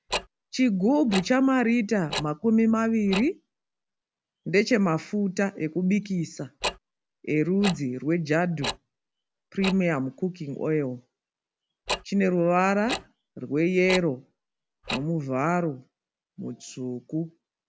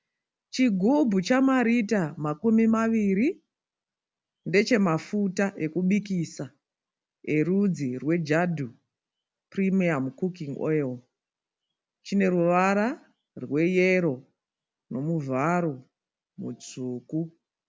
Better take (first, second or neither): second